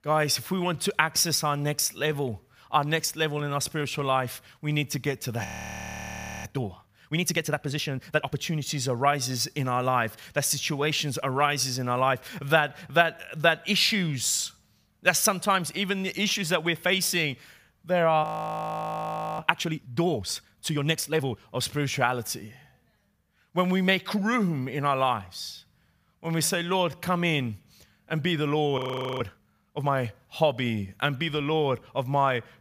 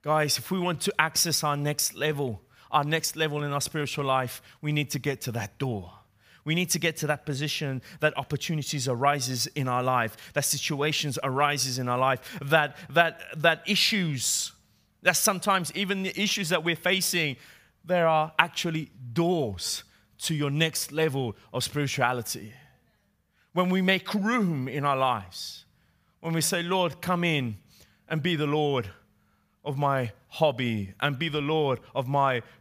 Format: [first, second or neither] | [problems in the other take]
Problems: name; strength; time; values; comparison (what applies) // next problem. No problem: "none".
second | audio freezing; at 5.5 s for 1 s, at 18 s for 1 s and at 29 s